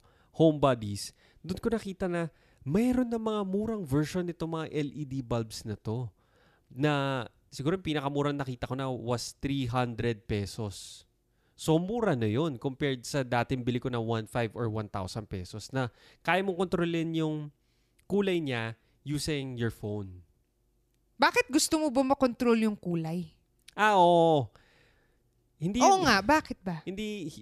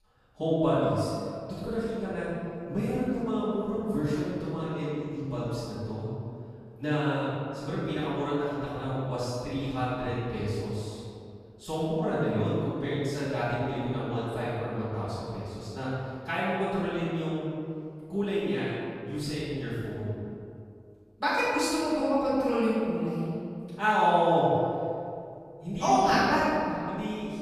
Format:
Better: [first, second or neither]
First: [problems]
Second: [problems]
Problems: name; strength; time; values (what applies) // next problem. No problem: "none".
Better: first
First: none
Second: room echo; strong; dies away in 2.2 s // off-mic speech; far